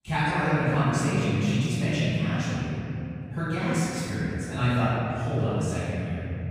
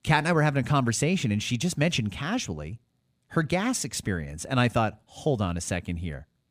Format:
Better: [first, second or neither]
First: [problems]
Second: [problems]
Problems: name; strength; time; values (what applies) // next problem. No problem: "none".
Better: second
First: off-mic speech; far // room echo; strong; dies away in 3 s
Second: none